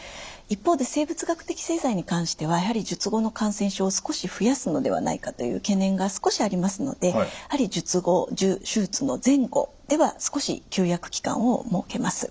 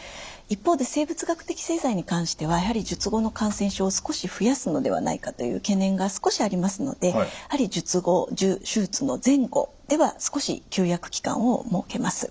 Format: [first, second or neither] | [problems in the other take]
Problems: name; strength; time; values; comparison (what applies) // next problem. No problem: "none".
first | background sound (Clock); 18 dB below the speech